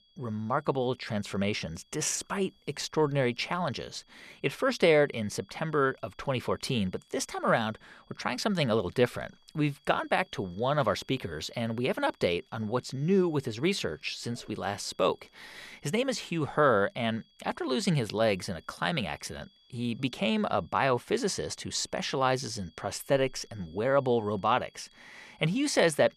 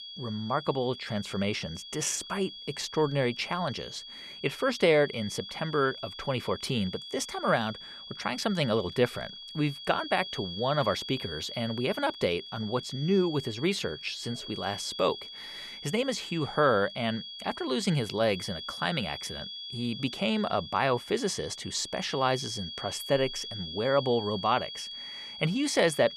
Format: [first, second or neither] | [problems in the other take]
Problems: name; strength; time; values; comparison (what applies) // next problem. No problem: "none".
first | high-pitched whine; loud; throughout; 3.5 kHz, 10 dB below the speech; faint in the first